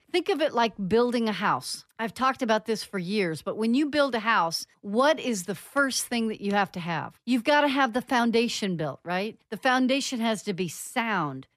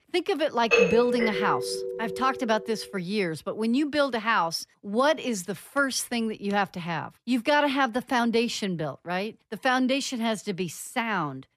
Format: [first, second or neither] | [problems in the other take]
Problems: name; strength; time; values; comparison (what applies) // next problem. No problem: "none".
first | doorbell; loud; from 0.5 to 2.5 s; peak 5 dB above the speech